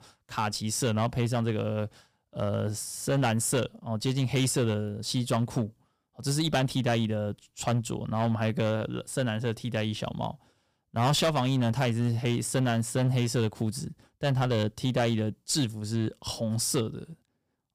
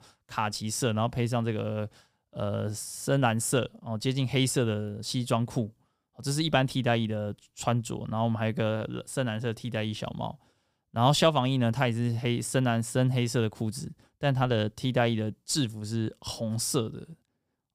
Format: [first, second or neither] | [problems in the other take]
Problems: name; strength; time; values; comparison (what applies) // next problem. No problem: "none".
second | distortion; slight; 6% of the sound clipped